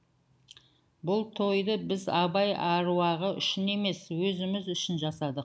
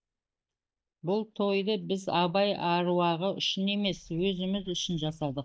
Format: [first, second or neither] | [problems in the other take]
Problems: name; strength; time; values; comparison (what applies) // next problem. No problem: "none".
first | noise reduction (neural mask model DeepFilterNet 3)